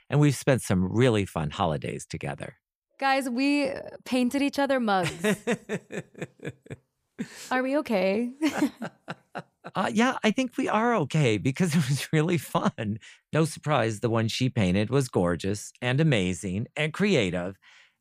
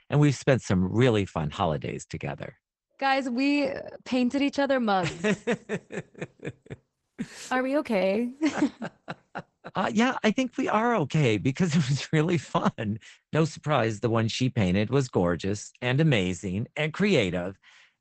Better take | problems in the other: first | garbled, watery; badly; nothing above 12 kHz

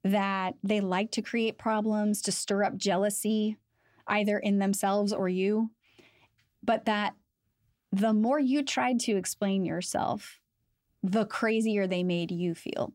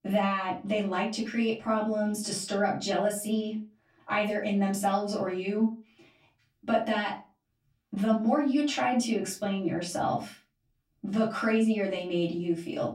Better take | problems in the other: first | off-mic speech; far // room echo; very slight; dies away in 0.3 s

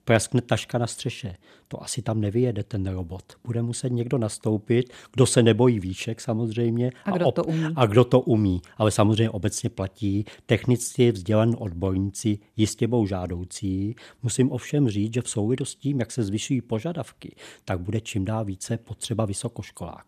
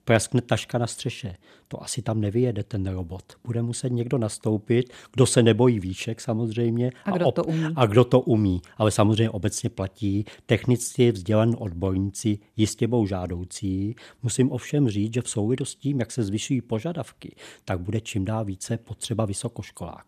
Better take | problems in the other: neither | none

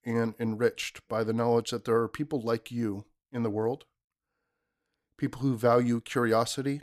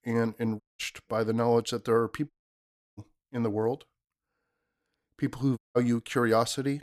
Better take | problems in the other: first | audio cutting out; at 0.5 s, at 2.5 s for 0.5 s and at 5.5 s

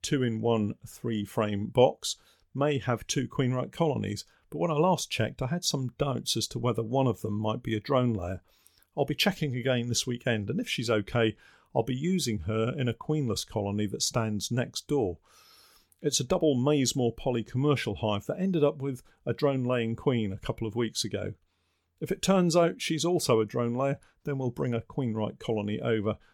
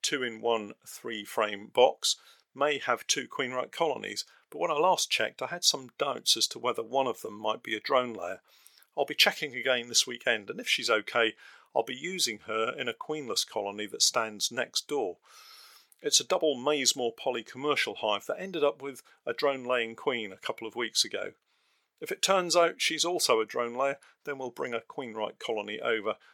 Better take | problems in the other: first | thin; very; fading below 550 Hz

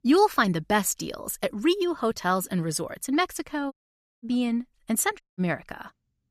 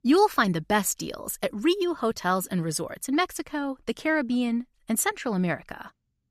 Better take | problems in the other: second | audio cutting out; at 3.5 s and at 5 s

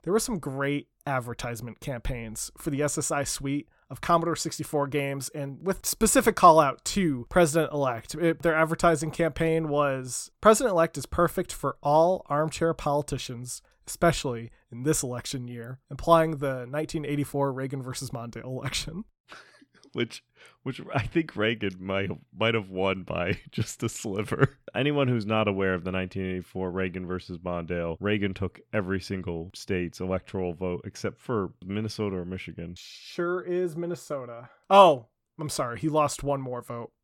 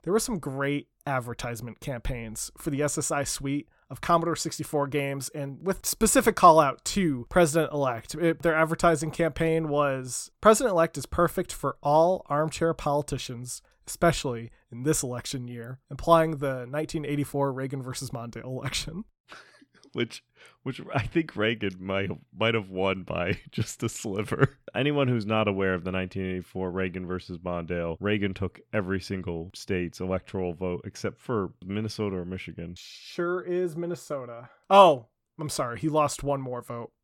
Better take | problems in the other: neither | none

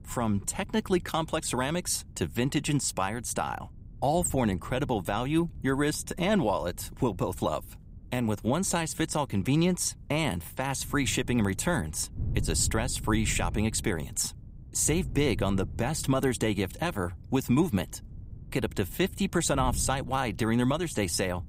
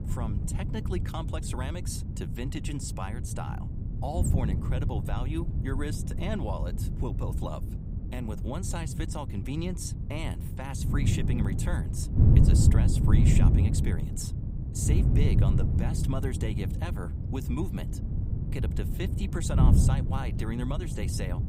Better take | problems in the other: first | wind noise on the microphone; heavy; 2 dB below the speech; occasional gusts in the first

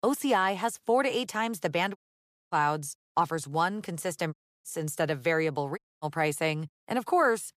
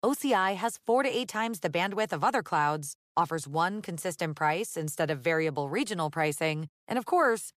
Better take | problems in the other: second | audio cutting out; at 2 s for 0.5 s, at 4.5 s and at 6 s

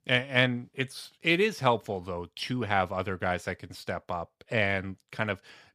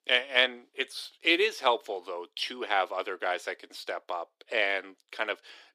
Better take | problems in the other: first | thin; very; fading below 350 Hz

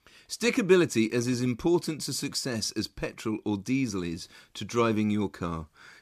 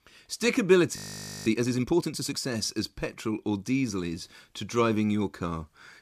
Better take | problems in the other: first | audio freezing; at 1 s for 0.5 s

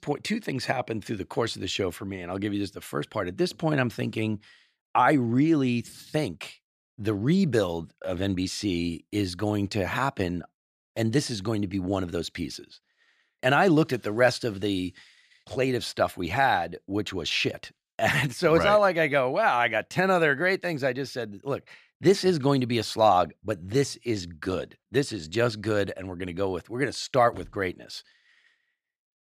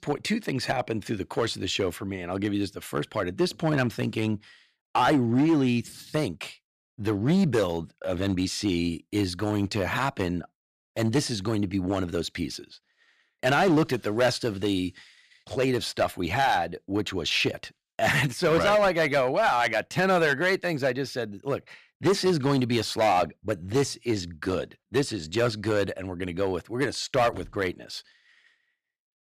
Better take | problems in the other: first | distortion; slight; 4% of the sound clipped

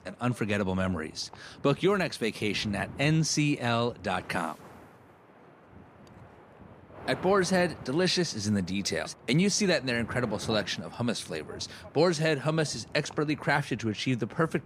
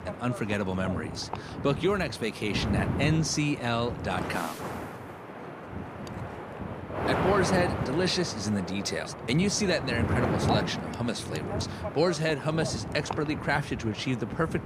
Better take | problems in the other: first | wind noise on the microphone; heavy; 5 dB below the speech; occasional gusts in the first

